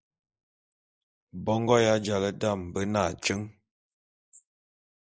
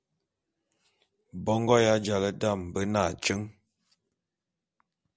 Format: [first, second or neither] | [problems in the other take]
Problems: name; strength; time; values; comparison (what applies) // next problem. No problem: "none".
second | noise reduction (neural mask model Resemble Enhance denoiser)